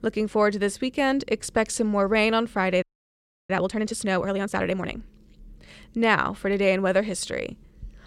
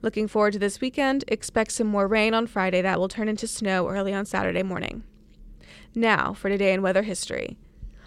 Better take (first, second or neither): second